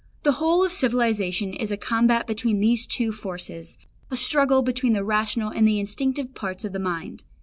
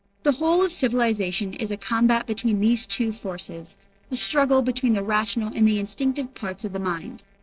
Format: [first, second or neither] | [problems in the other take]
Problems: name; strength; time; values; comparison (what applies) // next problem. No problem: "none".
first | noise reduction (neural separator model SepFormer DNS4)